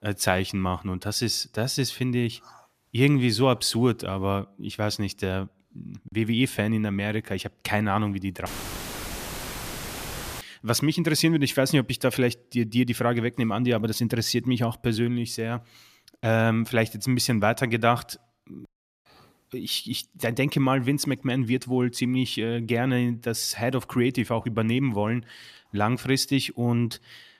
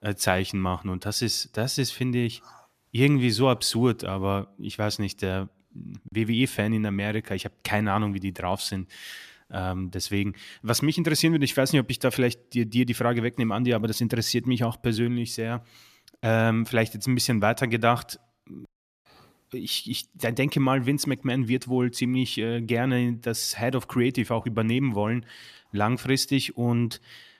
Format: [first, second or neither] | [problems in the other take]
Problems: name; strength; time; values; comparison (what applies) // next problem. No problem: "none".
second | audio cutting out; filled with static; at 8.5 s for 2 s